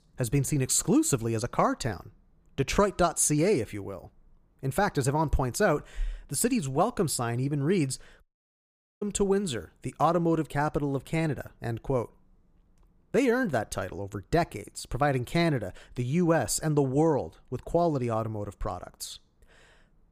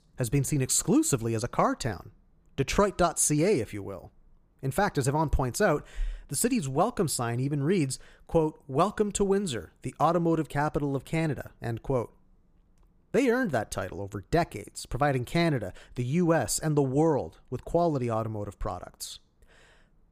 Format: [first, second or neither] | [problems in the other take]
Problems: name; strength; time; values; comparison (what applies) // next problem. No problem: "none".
second | audio cutting out; at 8 s for 1 s